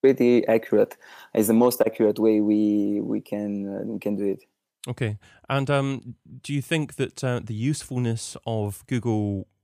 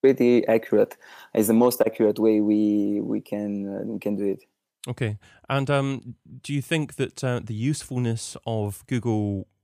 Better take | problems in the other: neither | none

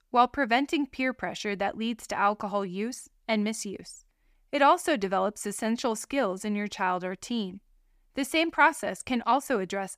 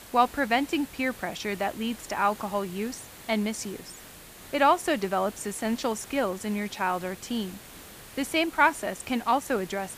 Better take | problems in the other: first | hiss; noticeable; throughout; 15 dB below the speech

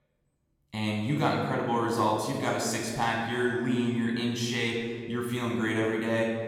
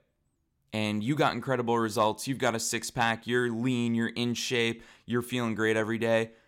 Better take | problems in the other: second | off-mic speech; somewhat distant // room echo; noticeable; dies away in 1.5 s

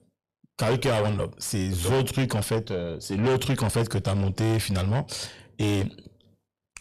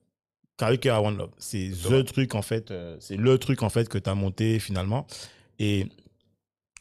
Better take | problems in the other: second | distortion; heavy; 4 dB below the speech

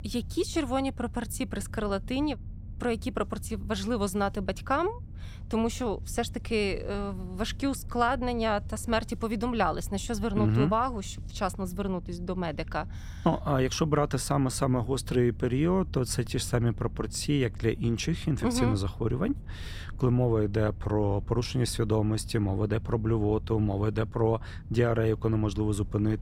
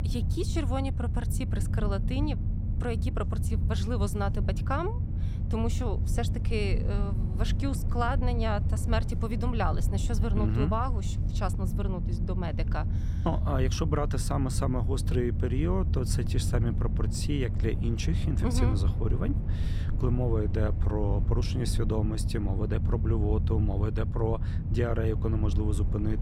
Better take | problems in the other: first | low rumble; loud; throughout; 9 dB below the speech; faint in the first

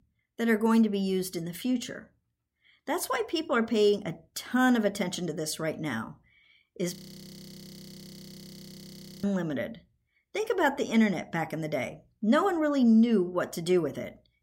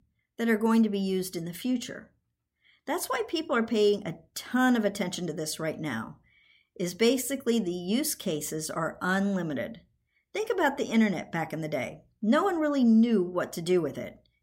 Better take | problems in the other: second | audio freezing; at 7 s for 2.5 s

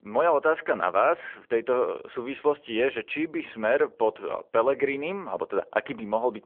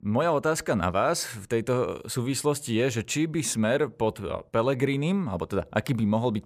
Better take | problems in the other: second | phone-call audio

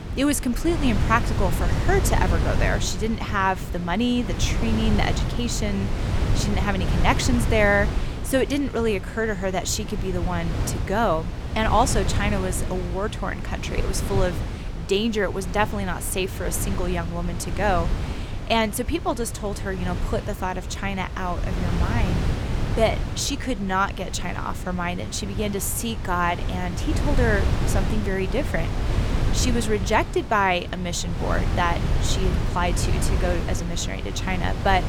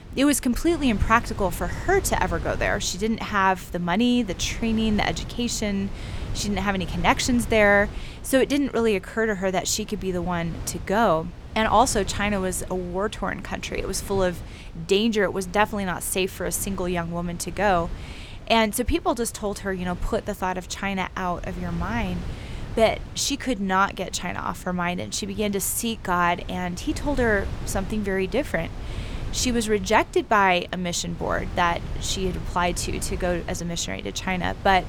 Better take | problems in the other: second | wind noise on the microphone; heavy; 9 dB below the speech; occasional gusts in the second

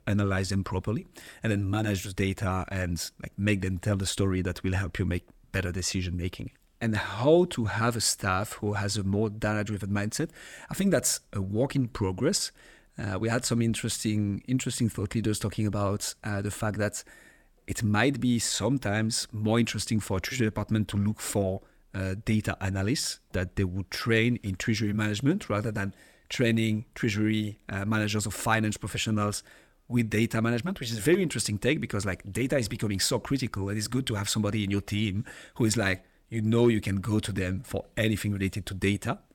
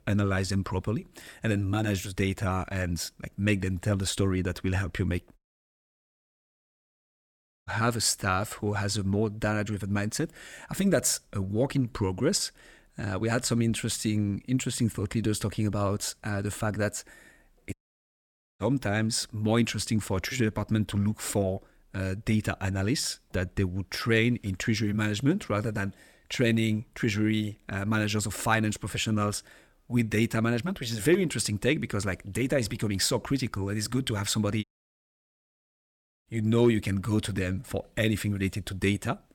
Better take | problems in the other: first | audio cutting out; at 5.5 s for 2.5 s, at 18 s for 1 s and at 35 s for 1.5 s

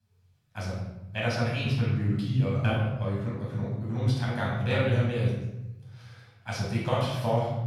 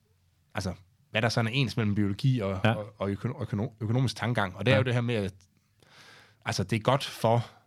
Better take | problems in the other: second | room echo; noticeable; dies away in 1.3 s // off-mic speech; far

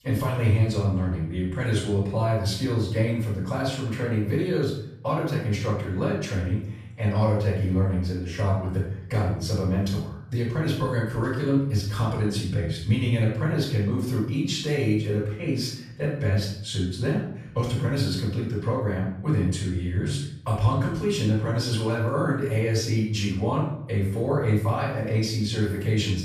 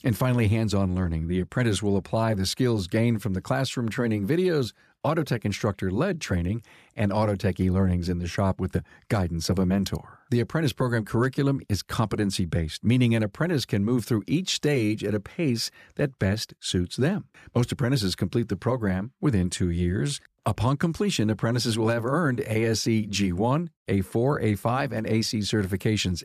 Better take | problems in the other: second | room echo; noticeable; dies away in 0.6 s // off-mic speech; far

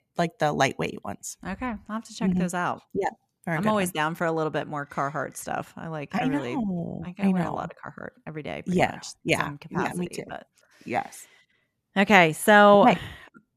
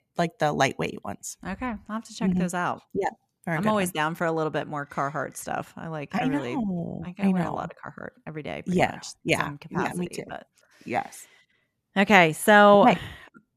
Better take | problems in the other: neither | none

